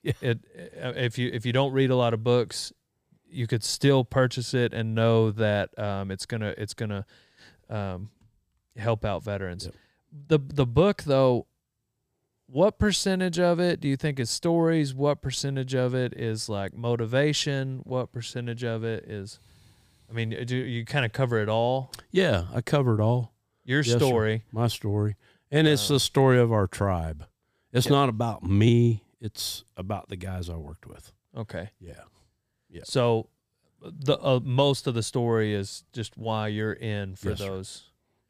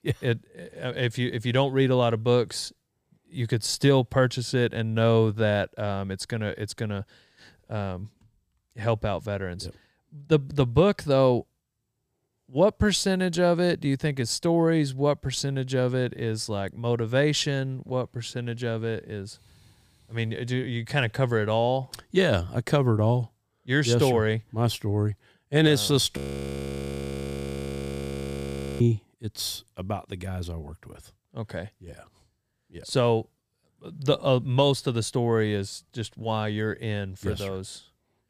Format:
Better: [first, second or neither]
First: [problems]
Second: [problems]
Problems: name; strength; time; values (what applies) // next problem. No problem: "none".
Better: first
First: none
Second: audio freezing; at 26 s for 2.5 s